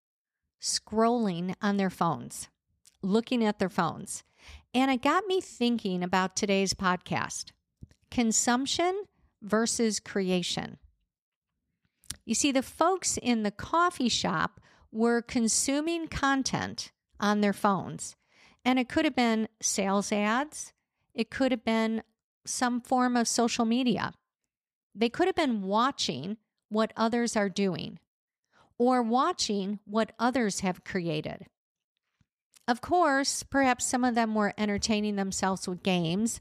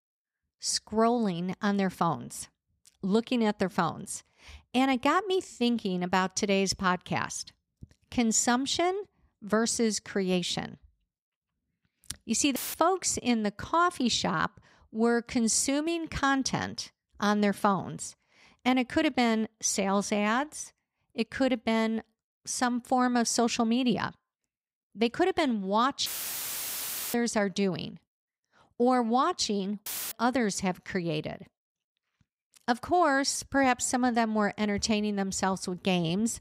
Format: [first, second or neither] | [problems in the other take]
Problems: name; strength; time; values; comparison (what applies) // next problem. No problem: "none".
first | audio cutting out; filled with static; at 13 s, at 26 s for 1 s and at 30 s